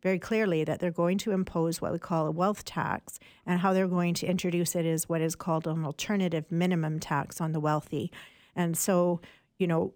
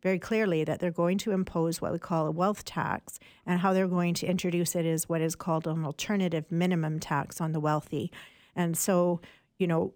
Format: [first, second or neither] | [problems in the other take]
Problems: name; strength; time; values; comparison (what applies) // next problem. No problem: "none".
neither | none